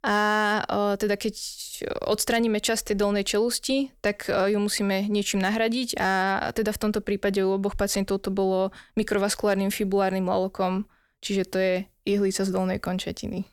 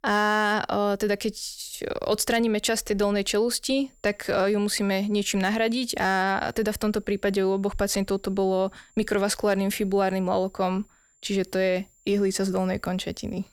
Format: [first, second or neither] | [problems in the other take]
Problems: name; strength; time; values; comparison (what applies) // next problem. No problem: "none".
first | high-pitched whine; faint; from 4 s on; 7 kHz, 35 dB below the speech